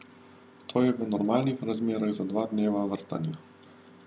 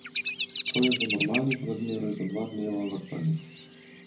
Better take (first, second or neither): first